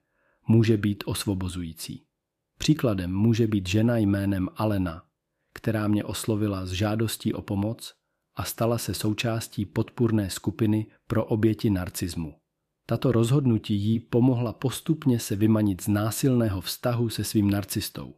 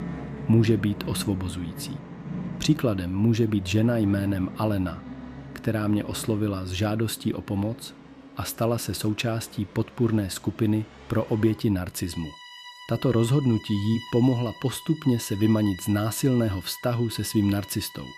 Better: first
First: none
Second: background music; noticeable; throughout; 15 dB below the speech

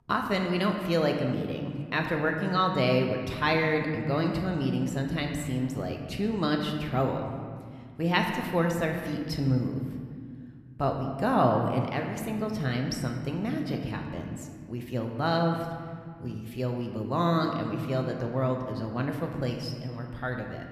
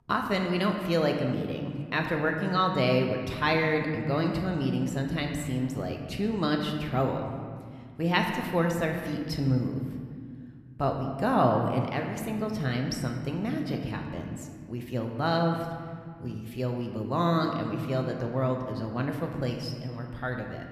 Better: neither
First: room echo; slight; dies away in 1.7 s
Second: room echo; slight; dies away in 1.7 s

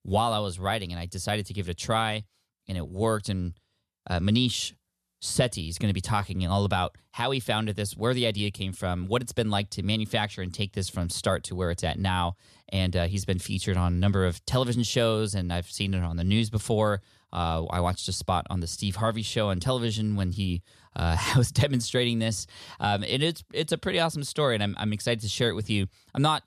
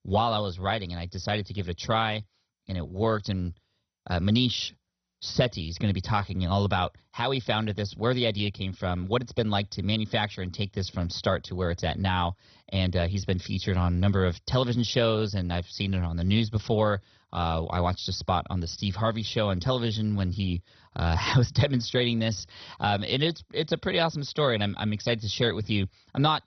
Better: first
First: none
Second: garbled, watery; badly; nothing above 6 kHz

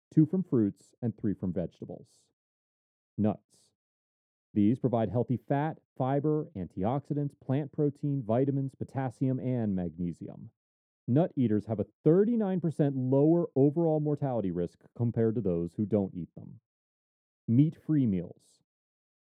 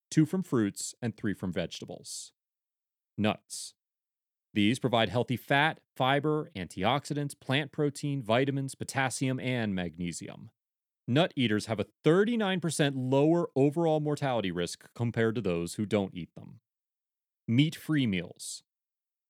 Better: second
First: muffled; very; fading above 1 kHz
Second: none

